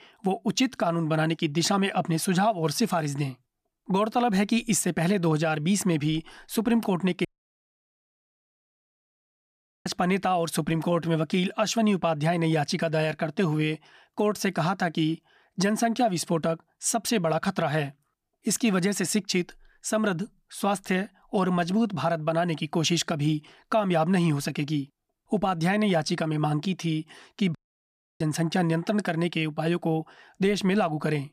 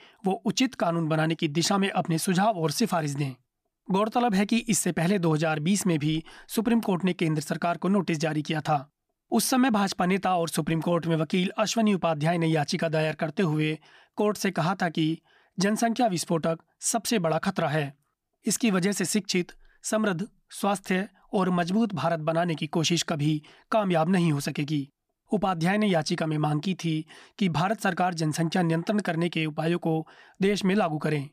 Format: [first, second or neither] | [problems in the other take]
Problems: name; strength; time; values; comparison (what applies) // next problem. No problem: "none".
second | audio cutting out; at 7.5 s for 2.5 s and at 28 s for 0.5 s